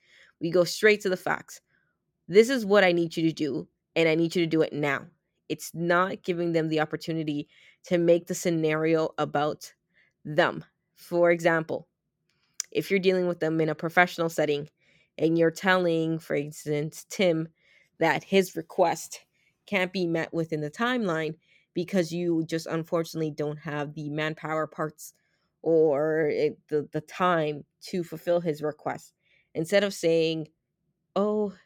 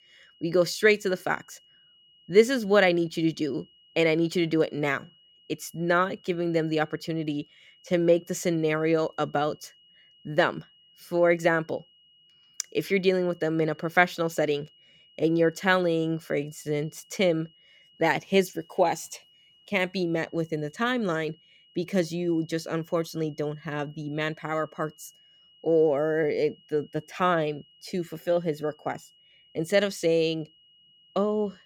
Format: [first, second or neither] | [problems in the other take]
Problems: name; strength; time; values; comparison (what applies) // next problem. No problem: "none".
first | high-pitched whine; faint; throughout; 3 kHz, 30 dB below the speech